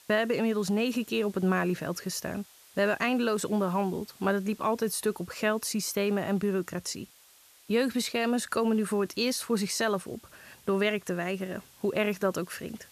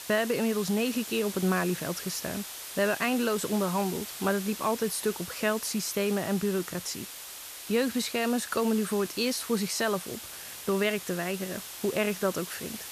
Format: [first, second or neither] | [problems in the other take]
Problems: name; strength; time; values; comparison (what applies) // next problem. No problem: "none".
first | hiss; loud; throughout; 9 dB below the speech; faint in the first